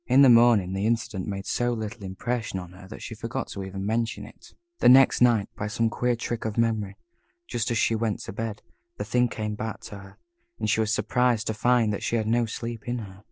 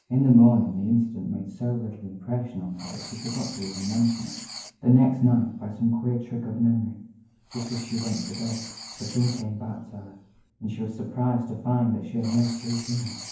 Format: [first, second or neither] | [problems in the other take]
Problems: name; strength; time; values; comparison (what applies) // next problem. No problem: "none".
first | background sound (Writing); 18 dB below the speech // room echo; dies away in 0.9 s